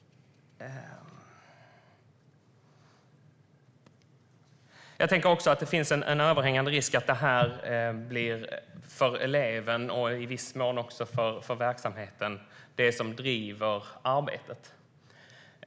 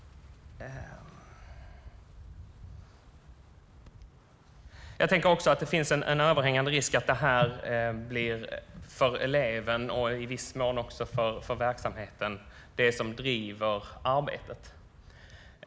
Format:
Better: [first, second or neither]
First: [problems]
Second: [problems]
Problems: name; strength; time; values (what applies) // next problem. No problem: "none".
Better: first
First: none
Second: background sound (Wind); 20 dB below the speech